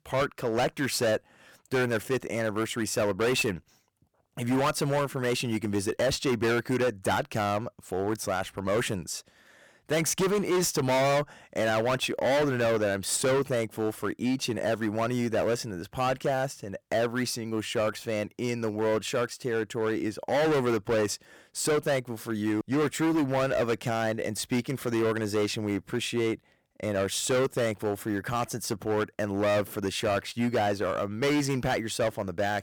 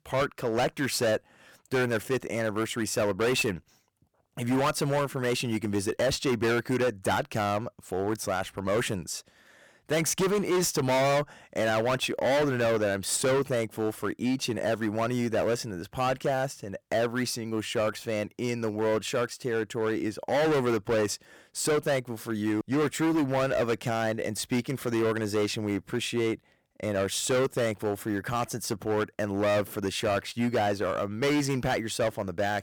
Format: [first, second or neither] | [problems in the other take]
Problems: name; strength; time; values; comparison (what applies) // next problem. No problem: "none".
neither | distortion; heavy; 15% of the sound clipped; the same in both